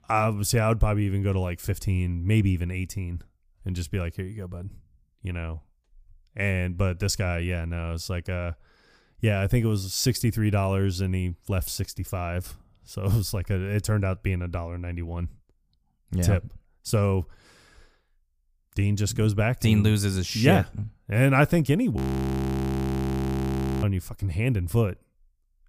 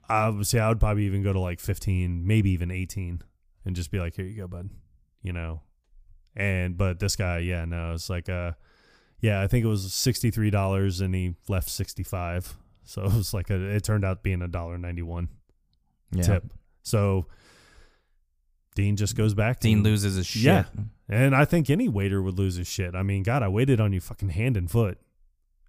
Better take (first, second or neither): second